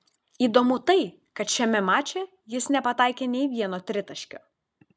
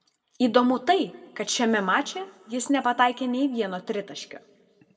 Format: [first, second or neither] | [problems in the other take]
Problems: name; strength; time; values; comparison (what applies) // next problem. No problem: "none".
first | room echo; dies away in 0.2 s